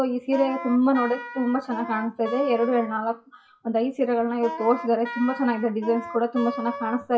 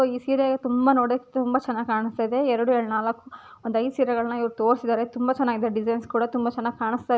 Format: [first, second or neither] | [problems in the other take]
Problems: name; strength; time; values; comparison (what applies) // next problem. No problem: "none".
second | noise reduction (classical method WPE with log-MMSE)